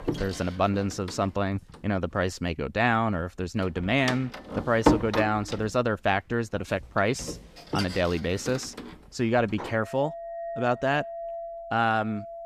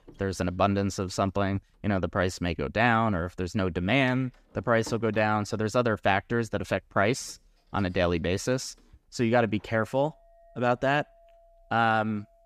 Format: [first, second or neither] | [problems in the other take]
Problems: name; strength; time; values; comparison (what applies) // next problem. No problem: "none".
second | household noises; loud; throughout; 7 dB below the speech; faint in the second